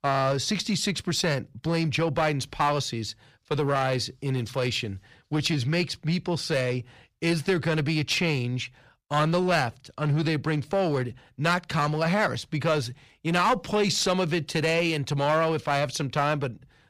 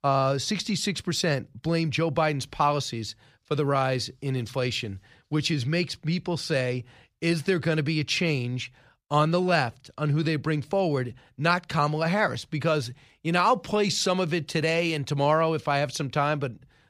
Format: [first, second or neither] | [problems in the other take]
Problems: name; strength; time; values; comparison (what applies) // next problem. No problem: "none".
second | distortion; slight; 6% of the sound clipped